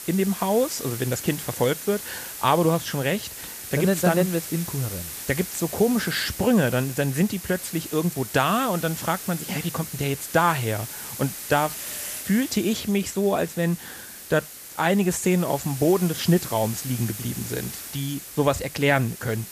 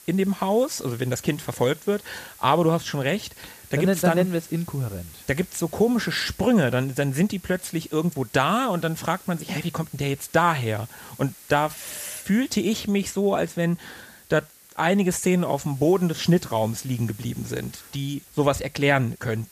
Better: second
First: hiss; loud; throughout; 9 dB below the speech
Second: hiss; faint; throughout; 20 dB below the speech

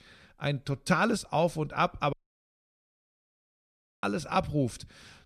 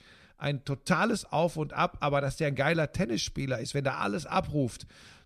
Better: second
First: audio cutting out; at 2 s for 2 s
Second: none

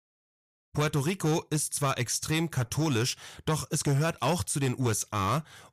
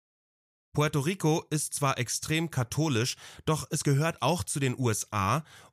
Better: second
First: distortion; slight; 7% of the sound clipped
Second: none

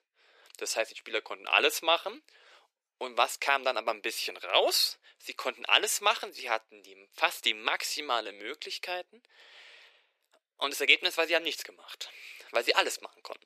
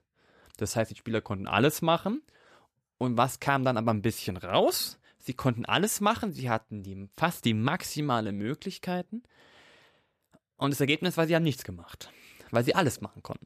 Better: second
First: thin; very; fading below 400 Hz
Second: none

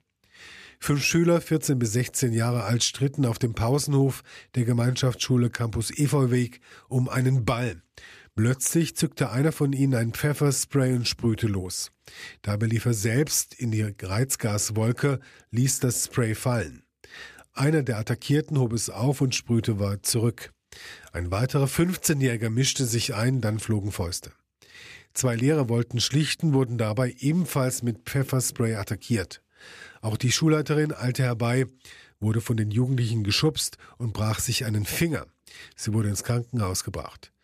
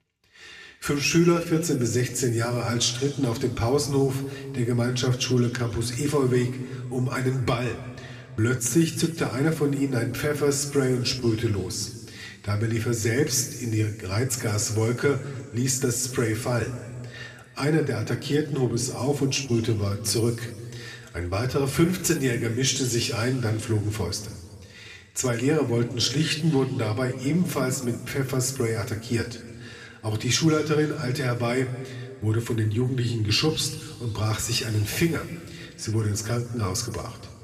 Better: first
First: none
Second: room echo; slight; dies away in 1.9 s // off-mic speech; somewhat distant

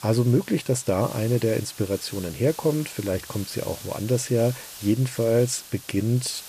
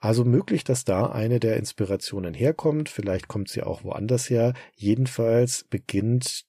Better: second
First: hiss; noticeable; throughout; 15 dB below the speech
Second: none

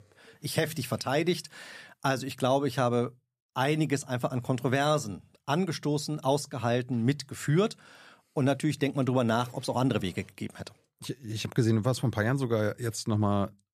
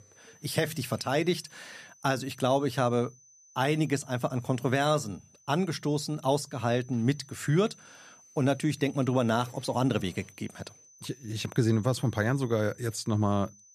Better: first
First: none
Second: high-pitched whine; faint; throughout; 6 kHz, 25 dB below the speech

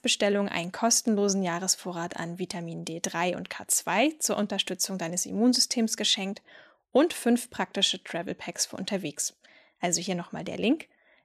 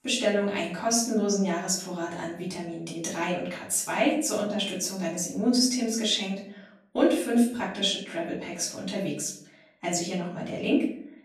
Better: first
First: none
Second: off-mic speech; far // room echo; noticeable; dies away in 0.5 s

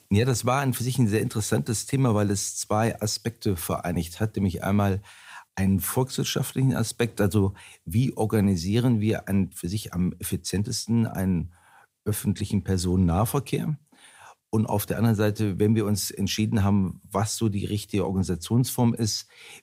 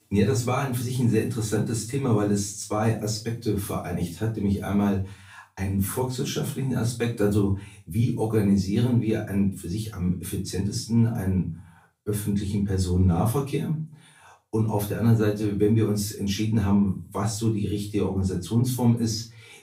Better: first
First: none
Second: off-mic speech; far // room echo; slight; dies away in 0.3 s

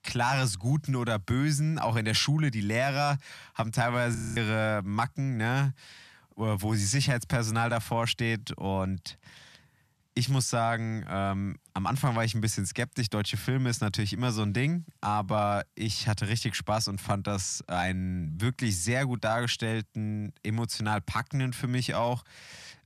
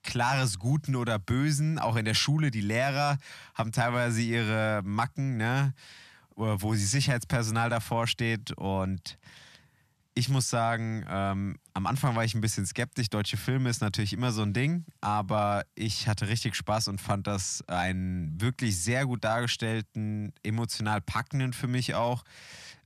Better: second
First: audio freezing; at 4 s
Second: none

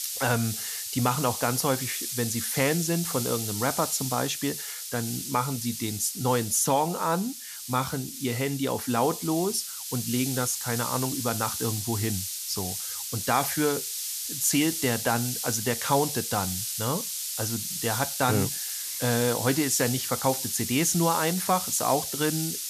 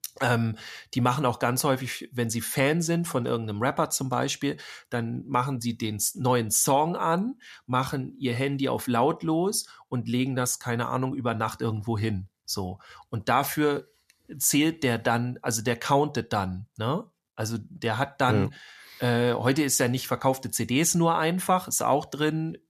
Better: second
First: hiss; loud; throughout; 3 dB below the speech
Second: none

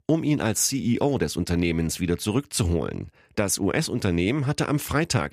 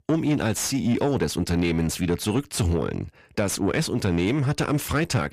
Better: first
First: none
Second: distortion; slight; 10 dB below the speech

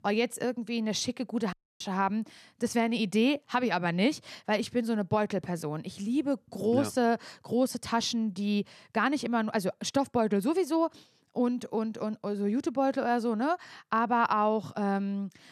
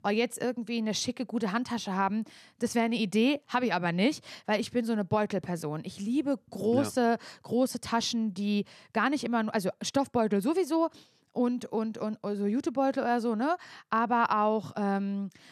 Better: second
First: audio cutting out; at 1.5 s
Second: none

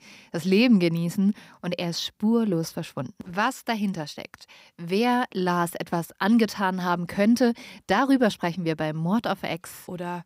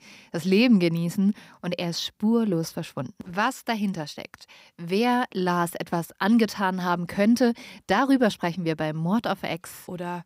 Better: neither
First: none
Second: none

